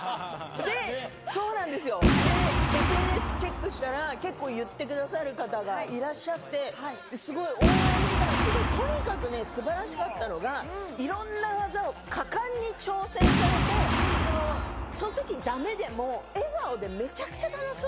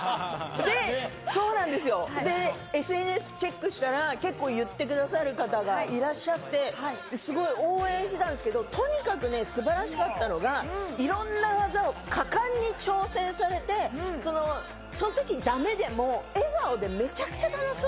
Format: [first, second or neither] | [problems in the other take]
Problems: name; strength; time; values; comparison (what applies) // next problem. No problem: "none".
second | background sound (Boom); 2 dB above the speech